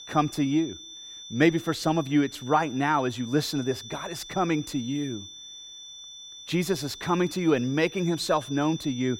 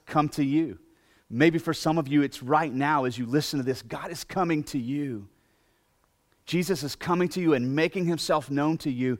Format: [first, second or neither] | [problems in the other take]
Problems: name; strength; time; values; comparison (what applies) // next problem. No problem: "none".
second | high-pitched whine; noticeable; throughout; 3.5 kHz, 15 dB below the speech